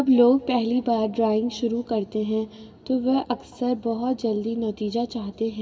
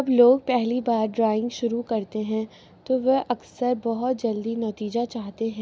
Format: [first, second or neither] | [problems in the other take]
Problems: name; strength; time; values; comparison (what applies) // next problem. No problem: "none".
second | room echo; dies away in 2.5 s